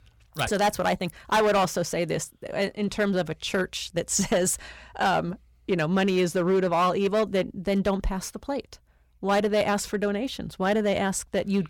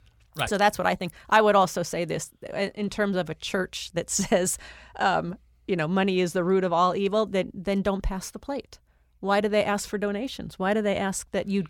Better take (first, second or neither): second